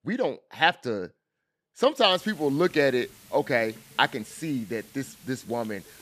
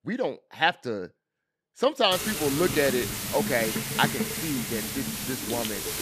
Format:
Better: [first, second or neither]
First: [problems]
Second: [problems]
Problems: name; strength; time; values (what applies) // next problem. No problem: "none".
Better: first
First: hiss; faint; from 2 s on; 25 dB below the speech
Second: hiss; loud; from 2 s on; 2 dB below the speech